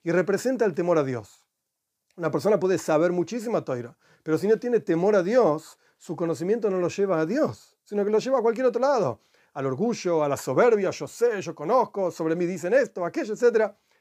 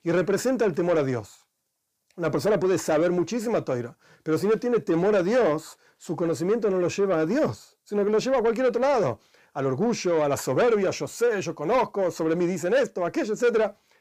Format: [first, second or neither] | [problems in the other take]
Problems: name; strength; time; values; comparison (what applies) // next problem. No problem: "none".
first | distortion; slight; 10 dB below the speech